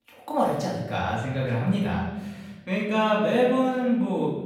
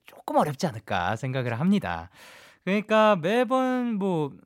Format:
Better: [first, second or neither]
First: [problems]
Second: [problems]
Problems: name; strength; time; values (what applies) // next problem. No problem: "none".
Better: second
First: off-mic speech; far // room echo; noticeable; dies away in 1.1 s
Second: none